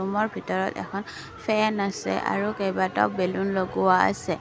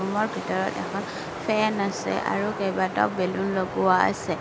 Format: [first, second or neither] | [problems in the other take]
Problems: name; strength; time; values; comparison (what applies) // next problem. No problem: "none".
first | background sound (Wind); 9 dB below the speech